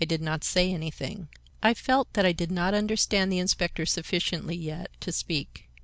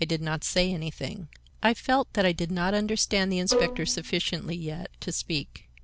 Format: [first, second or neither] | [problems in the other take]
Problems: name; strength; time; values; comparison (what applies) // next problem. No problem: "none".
first | background sound (Bowed string instrument); 3 dB below the speech